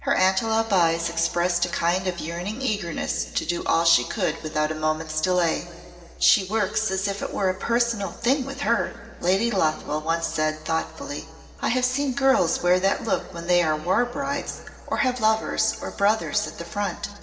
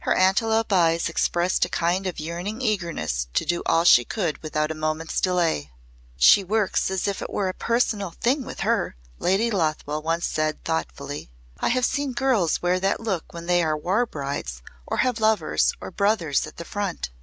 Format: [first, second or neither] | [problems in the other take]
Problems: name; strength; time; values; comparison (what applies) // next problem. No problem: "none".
second | room echo; dies away in 2.2 s